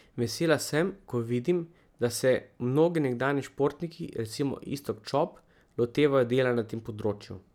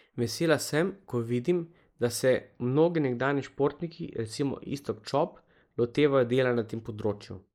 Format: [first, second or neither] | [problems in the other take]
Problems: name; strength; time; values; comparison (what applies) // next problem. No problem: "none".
first | noise reduction (neural mask model Resemble Enhance denoiser)